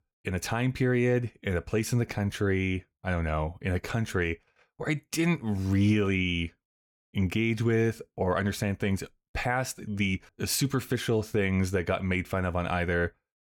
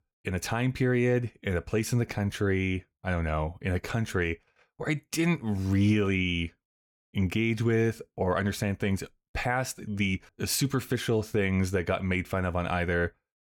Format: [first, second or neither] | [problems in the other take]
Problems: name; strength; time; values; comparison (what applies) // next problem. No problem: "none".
neither | none